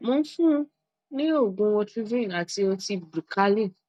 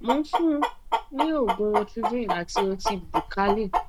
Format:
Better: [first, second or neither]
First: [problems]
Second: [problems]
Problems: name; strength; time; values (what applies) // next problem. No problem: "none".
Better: first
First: none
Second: background sound (Chicken, rooster); 1 dB below the speech